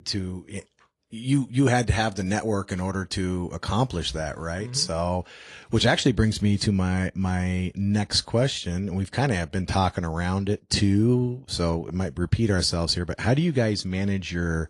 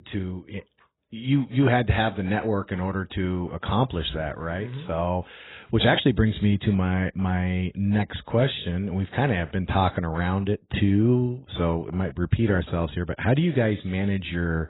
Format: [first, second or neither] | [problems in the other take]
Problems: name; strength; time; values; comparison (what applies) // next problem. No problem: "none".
first | garbled, watery; badly; nothing above 4 kHz; slightly in the first